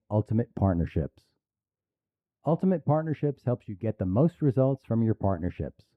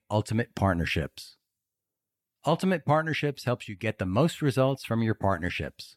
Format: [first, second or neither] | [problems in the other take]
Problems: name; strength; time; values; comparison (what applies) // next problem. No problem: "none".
second | muffled; very; fading above 1.5 kHz